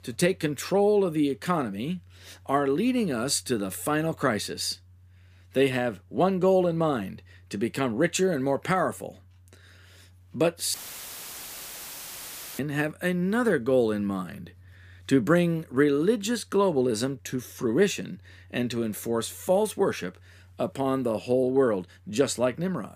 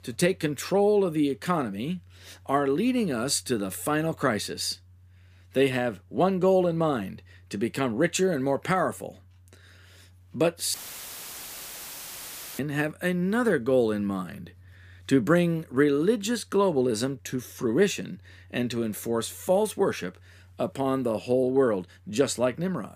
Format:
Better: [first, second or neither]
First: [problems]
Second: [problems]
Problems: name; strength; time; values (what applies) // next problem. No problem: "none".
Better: neither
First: audio cutting out; filled with static; at 11 s for 2 s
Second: audio cutting out; filled with static; at 11 s for 2 s